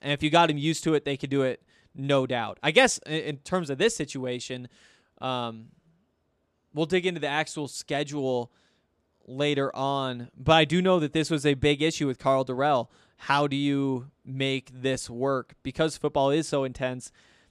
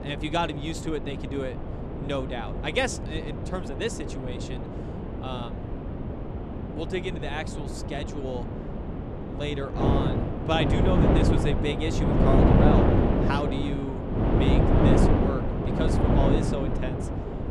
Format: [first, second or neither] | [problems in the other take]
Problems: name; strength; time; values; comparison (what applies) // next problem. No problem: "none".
first | wind noise on the microphone; heavy; 1 dB above the speech